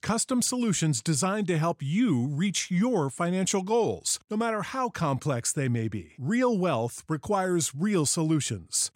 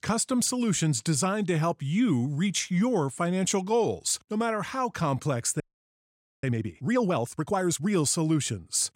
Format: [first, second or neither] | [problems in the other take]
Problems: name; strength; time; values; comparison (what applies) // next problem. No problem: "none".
first | audio freezing; at 5.5 s for 1 s